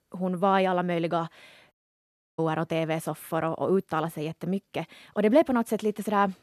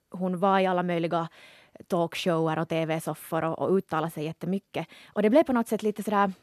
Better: second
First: audio cutting out; at 1.5 s for 0.5 s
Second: none

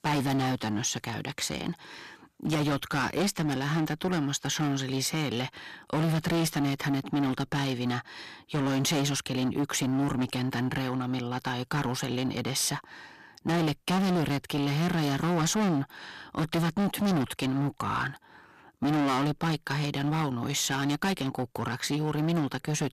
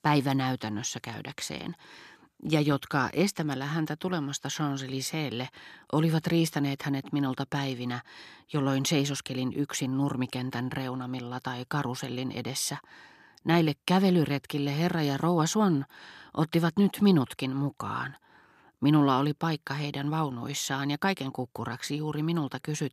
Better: second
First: distortion; heavy; 18% of the sound clipped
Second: none

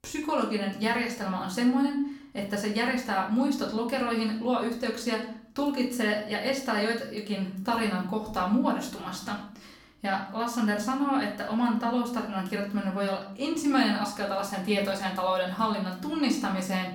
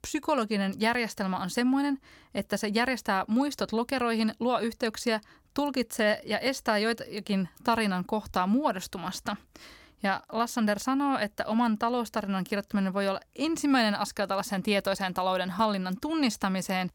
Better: second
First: room echo; slight; dies away in 0.5 s // off-mic speech; far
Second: none

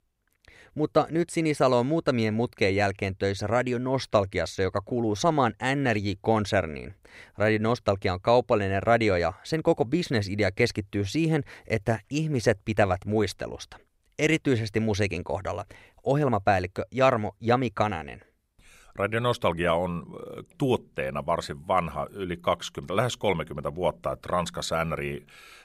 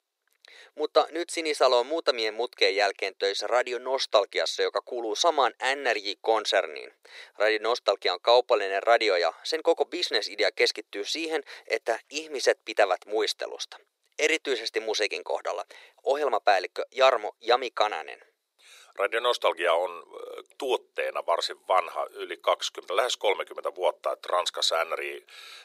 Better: first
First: none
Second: thin; very; fading below 400 Hz

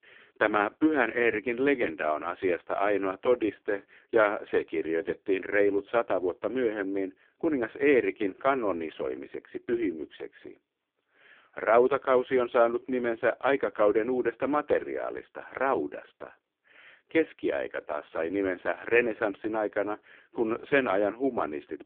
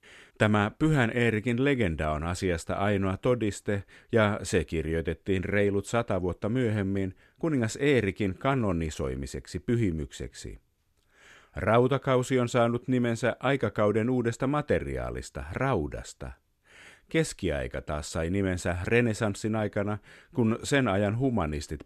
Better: second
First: phone-call audio; poor line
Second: none

